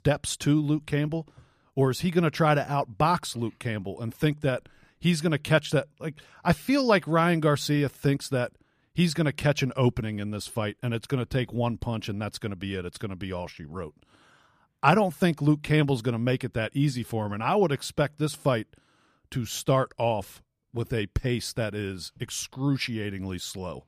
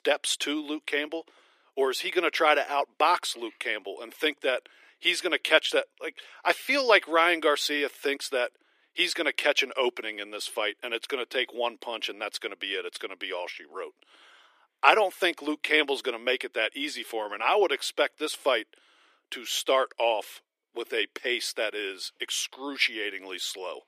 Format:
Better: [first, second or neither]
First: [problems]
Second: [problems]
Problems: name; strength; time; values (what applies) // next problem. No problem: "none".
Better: first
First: none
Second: thin; very; fading below 350 Hz